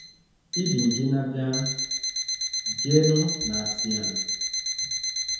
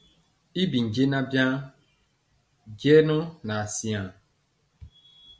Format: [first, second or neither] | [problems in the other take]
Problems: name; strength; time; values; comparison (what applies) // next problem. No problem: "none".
second | background sound (Alarm); 2 dB below the speech // room echo; dies away in 0.9 s